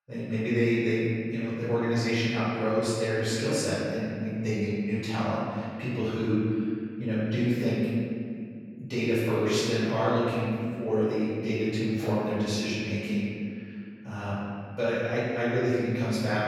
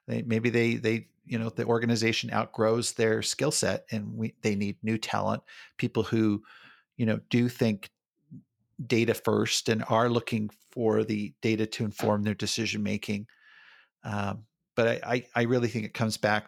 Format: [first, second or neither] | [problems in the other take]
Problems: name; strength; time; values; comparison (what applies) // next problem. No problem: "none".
second | off-mic speech; far // room echo; strong; dies away in 2.3 s